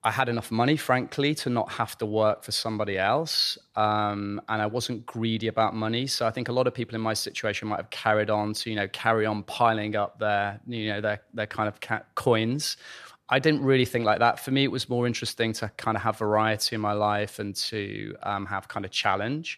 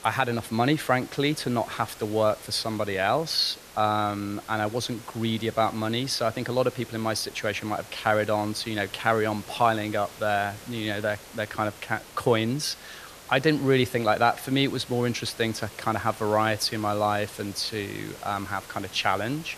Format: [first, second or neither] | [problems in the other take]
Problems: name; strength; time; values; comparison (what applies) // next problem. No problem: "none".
first | hiss; noticeable; throughout; 15 dB below the speech